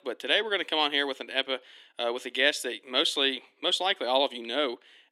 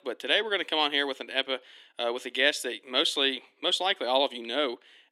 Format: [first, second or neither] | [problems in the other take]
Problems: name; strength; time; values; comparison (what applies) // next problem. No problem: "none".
neither | thin; somewhat; fading below 300 Hz; the same in both